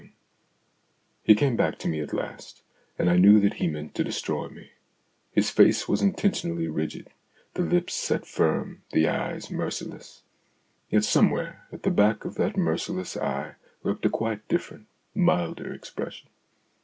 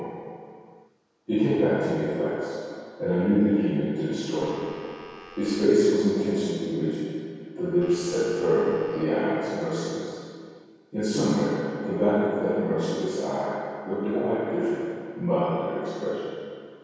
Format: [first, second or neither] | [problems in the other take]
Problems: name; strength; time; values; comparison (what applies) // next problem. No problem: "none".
first | background sound (Telephone); 19 dB below the speech // room echo; dies away in 2.2 s